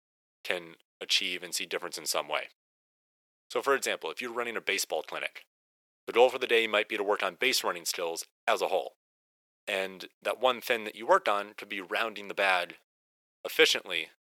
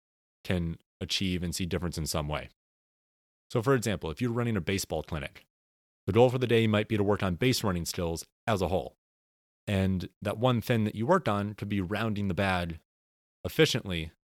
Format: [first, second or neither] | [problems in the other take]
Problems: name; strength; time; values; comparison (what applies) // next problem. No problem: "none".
second | thin; very; fading below 450 Hz